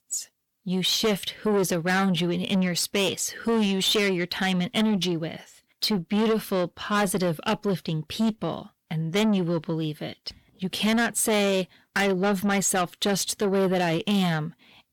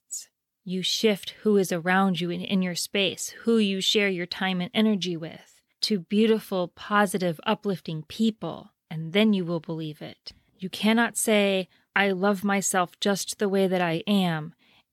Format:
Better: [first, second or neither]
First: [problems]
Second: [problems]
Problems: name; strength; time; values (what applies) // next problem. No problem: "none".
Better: second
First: distortion; heavy; 8 dB below the speech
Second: none